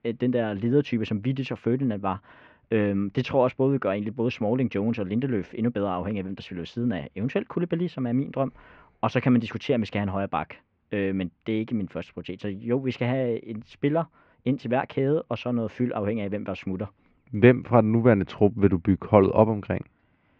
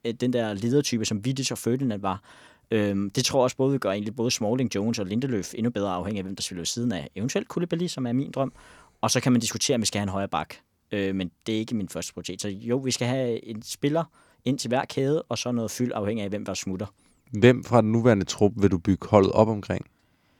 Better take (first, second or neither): second